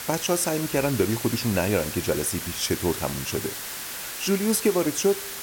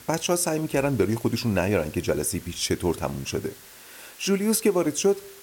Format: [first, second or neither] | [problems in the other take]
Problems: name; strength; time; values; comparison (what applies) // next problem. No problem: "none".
second | hiss; loud; throughout; 6 dB below the speech; faint in the second